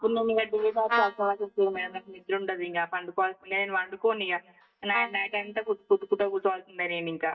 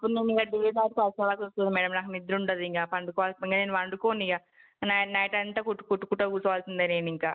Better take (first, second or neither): second